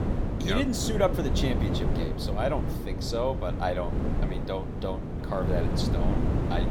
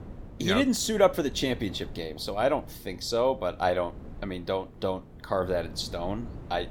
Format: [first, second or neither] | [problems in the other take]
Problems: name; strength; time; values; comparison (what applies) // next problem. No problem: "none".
second | wind noise on the microphone; heavy; 5 dB below the speech; occasional gusts in the second